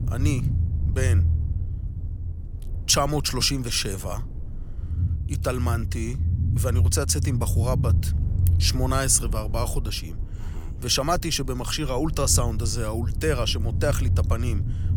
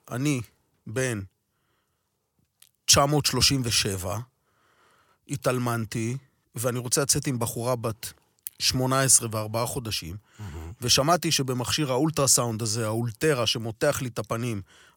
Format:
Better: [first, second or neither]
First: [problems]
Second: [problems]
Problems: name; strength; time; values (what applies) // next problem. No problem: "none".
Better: second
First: low rumble; noticeable; throughout; 15 dB below the speech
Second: none